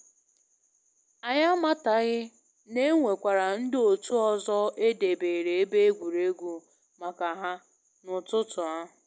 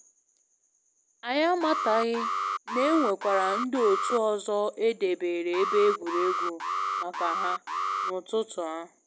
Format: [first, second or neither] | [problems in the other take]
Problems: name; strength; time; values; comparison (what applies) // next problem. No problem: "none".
first | background sound (Alarm); 3 dB below the speech